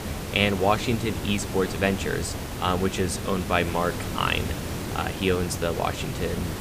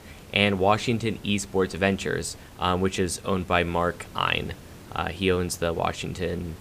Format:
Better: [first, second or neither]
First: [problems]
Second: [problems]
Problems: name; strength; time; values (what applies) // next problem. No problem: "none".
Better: second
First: hiss; loud; throughout; 6 dB below the speech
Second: hiss; faint; throughout; 20 dB below the speech